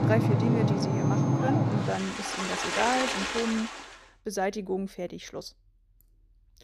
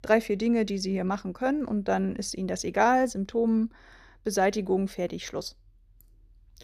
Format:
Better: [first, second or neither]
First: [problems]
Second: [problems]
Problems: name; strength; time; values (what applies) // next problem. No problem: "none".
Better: second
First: rain or running water; very loud; until 3.5 s; 4 dB above the speech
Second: none